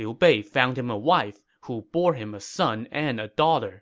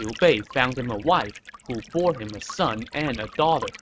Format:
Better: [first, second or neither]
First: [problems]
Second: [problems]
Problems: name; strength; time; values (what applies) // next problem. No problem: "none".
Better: first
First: none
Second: noise reduction (neural mask model RNNoise)